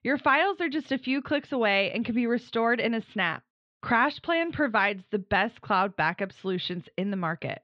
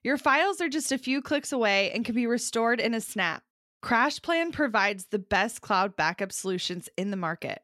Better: second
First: muffled; slightly; fading above 4 kHz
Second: none

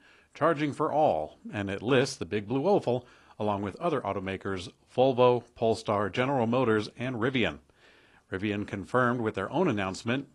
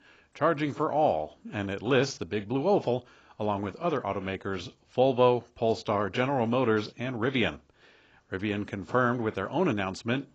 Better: first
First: garbled, watery; slightly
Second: garbled, watery; badly; nothing above 7.5 kHz

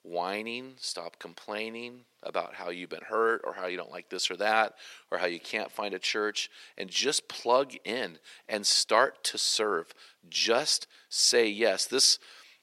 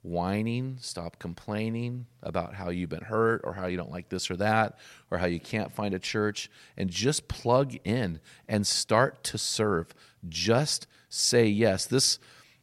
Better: second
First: thin; somewhat; fading below 350 Hz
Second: none

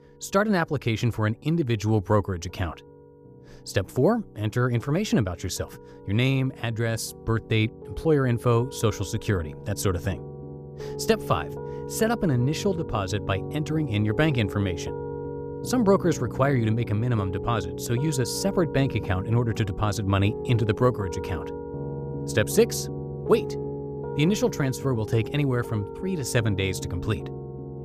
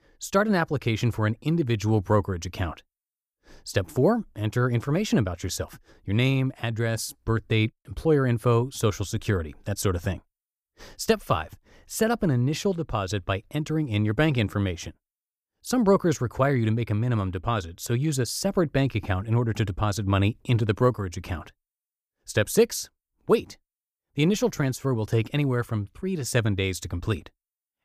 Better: second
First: background music; loud; throughout; 10 dB below the speech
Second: none

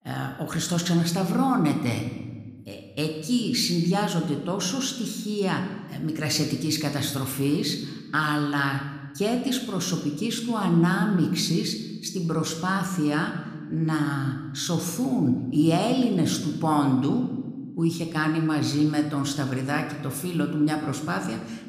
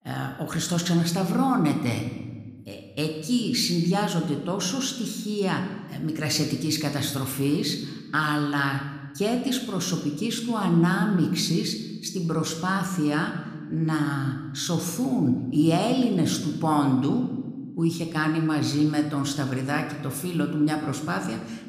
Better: neither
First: room echo; slight; dies away in 1 s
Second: room echo; slight; dies away in 1 s

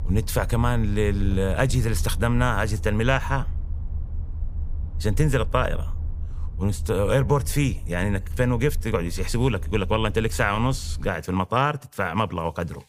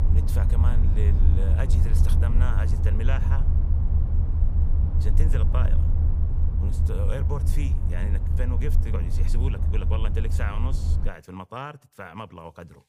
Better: first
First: low rumble; faint; until 11 s; 25 dB below the speech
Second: low rumble; loud; until 11 s; 3 dB below the speech

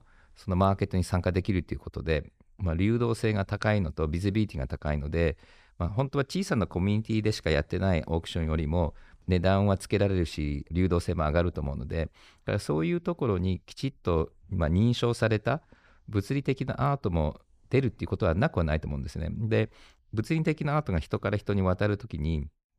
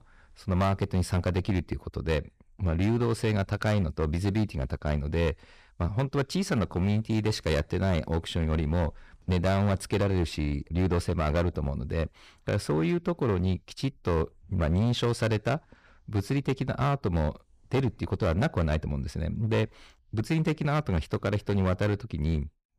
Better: first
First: none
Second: distortion; slight; 9% of the sound clipped

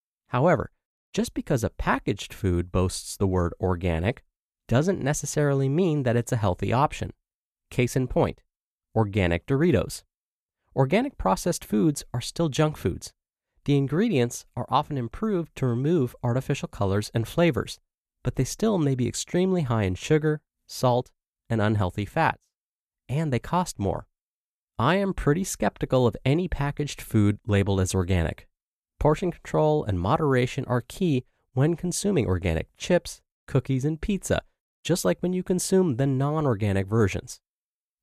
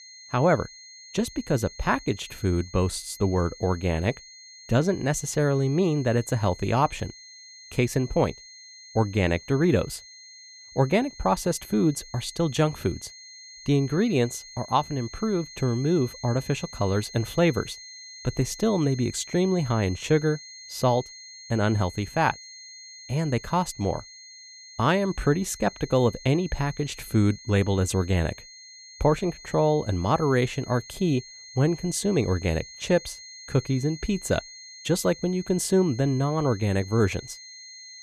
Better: first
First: none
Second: high-pitched whine; noticeable; throughout; 4 kHz, 15 dB below the speech

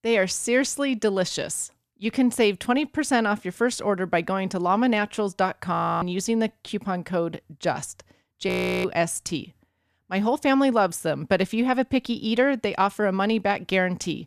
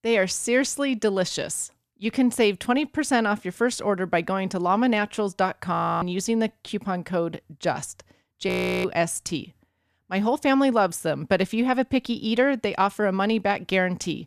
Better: neither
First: audio freezing; at 5.5 s and at 8.5 s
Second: audio freezing; at 5.5 s and at 8.5 s

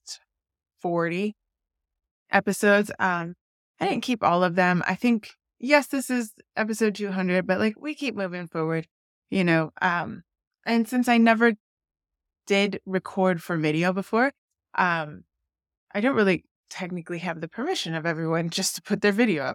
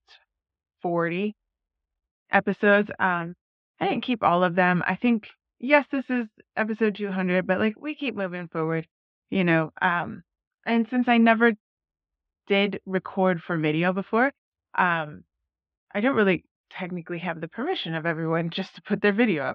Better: first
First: none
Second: muffled; very; fading above 3.5 kHz

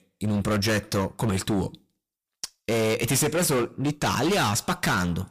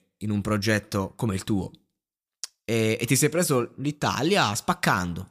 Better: second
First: distortion; heavy; 20% of the sound clipped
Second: none

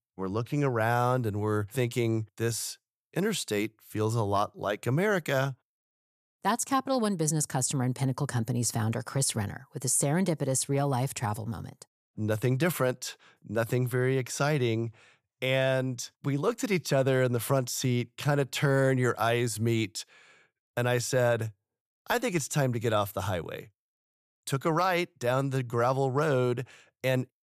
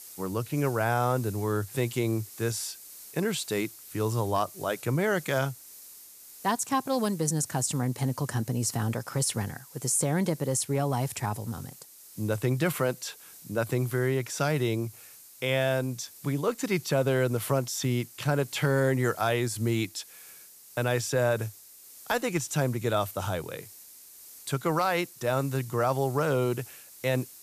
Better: first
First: none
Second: hiss; noticeable; throughout; 15 dB below the speech

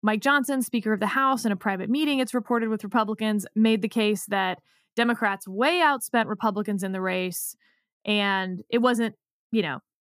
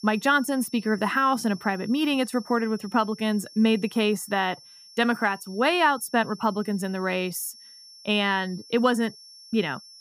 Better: first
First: none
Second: high-pitched whine; faint; throughout; 5.5 kHz, 20 dB below the speech

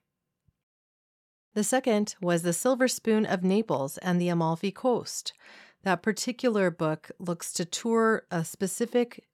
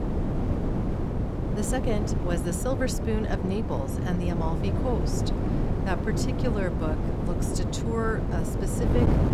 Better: first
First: none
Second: wind noise on the microphone; heavy; 1 dB below the speech

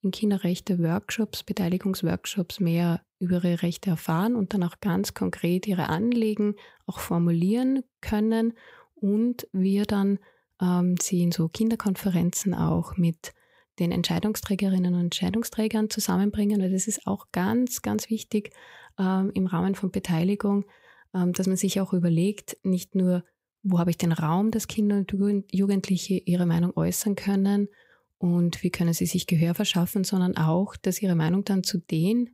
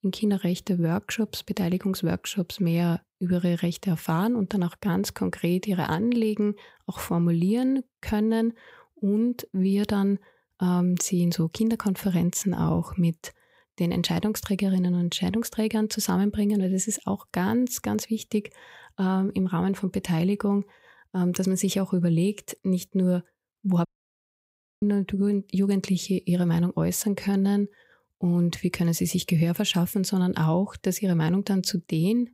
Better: first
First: none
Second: audio cutting out; at 24 s for 1 s

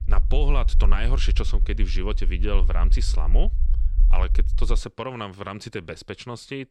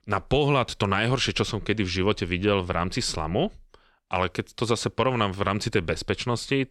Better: second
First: low rumble; noticeable; until 5 s; 15 dB below the speech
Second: none

